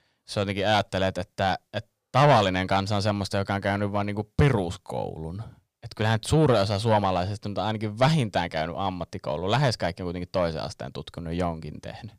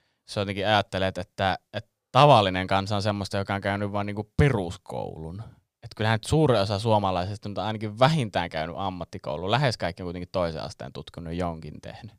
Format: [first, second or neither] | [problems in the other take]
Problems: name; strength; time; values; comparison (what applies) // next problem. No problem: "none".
second | distortion; slight; 10 dB below the speech